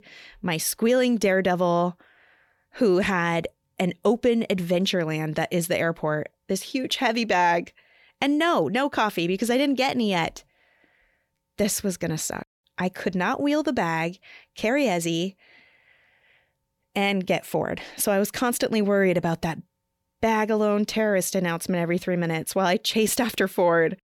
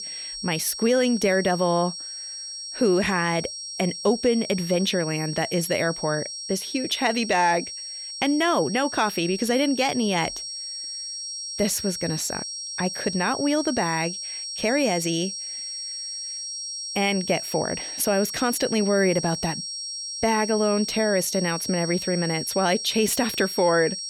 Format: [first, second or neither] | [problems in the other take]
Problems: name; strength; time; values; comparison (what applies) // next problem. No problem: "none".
first | high-pitched whine; loud; throughout; 5.5 kHz, 7 dB below the speech